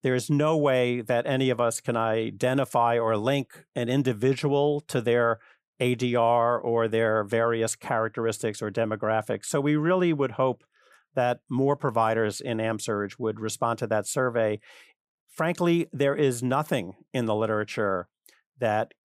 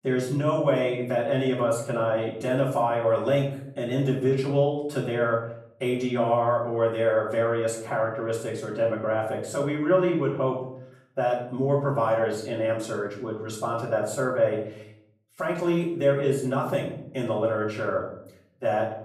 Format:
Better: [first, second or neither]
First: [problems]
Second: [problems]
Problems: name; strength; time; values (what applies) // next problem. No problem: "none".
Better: first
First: none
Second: off-mic speech; far // room echo; noticeable; dies away in 0.6 s